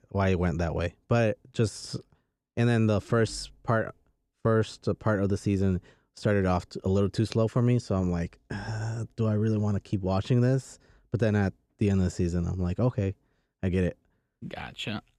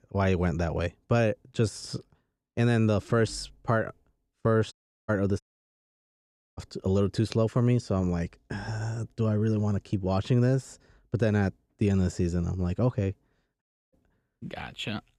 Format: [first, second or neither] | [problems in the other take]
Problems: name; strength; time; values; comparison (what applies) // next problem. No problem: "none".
first | audio cutting out; at 4.5 s, at 5.5 s for 1 s and at 14 s